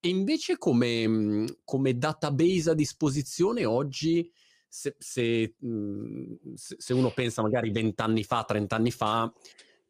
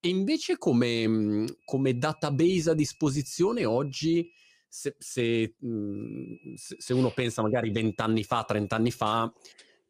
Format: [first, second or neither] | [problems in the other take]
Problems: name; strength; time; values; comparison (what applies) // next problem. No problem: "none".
first | high-pitched whine; faint; from 1.5 to 4.5 s and from 6 to 9 s; 2.5 kHz, 30 dB below the speech